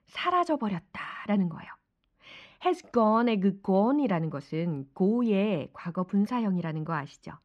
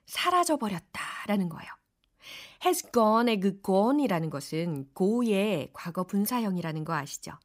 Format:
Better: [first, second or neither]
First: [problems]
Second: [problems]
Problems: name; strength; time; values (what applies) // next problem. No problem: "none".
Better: second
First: muffled; slightly; fading above 2.5 kHz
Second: none